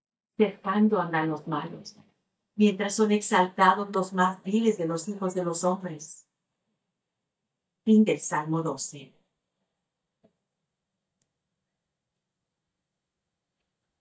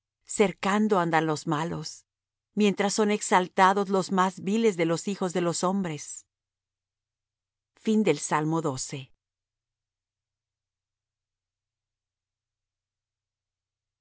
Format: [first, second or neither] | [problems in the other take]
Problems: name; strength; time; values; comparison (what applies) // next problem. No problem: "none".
second | noise reduction (neural mask model DeepFilterNet 3)